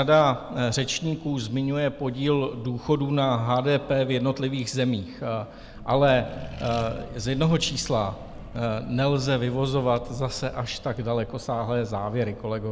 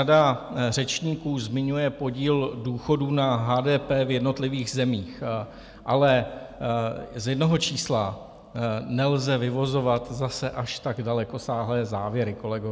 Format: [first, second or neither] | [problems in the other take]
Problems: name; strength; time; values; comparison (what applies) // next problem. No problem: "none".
second | background sound (Accelerating, revving, vroom); 17 dB below the speech